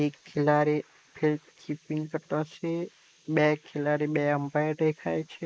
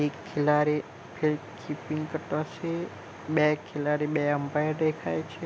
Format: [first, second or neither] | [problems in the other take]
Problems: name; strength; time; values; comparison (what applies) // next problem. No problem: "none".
second | noise reduction (neural mask model Resemble Enhance denoiser)